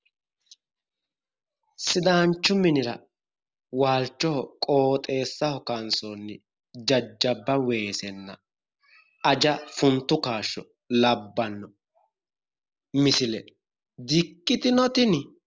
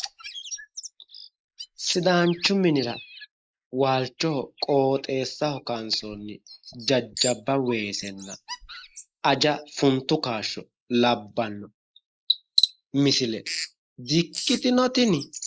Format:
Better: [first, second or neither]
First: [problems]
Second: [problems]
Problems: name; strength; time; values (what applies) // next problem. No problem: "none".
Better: first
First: none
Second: noise reduction (neural mask model Resemble Enhance denoiser)